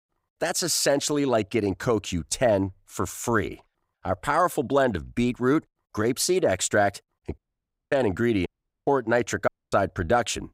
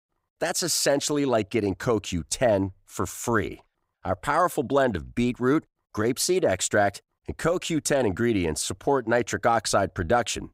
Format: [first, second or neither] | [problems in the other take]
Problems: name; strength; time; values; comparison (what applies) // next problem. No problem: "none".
second | audio cutting out; at 7.5 s for 0.5 s, at 8.5 s and at 9.5 s